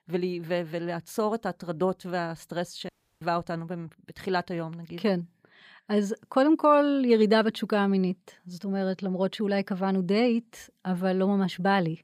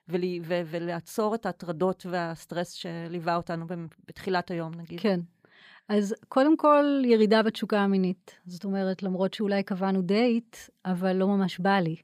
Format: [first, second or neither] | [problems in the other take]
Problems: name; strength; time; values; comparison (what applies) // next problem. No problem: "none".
second | audio cutting out; at 3 s